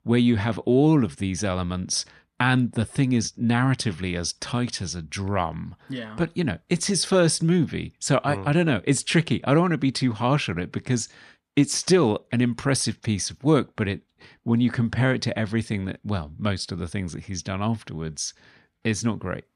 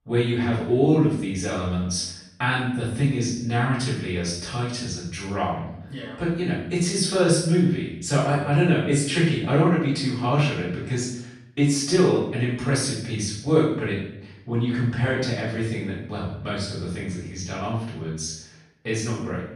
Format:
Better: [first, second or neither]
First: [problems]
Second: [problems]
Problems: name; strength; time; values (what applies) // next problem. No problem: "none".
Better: first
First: none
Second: off-mic speech; far // room echo; noticeable; dies away in 0.6 s